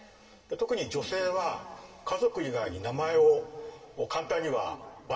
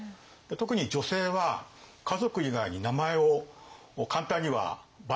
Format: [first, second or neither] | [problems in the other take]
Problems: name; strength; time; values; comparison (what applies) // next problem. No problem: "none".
second | room echo; dies away in 2.6 s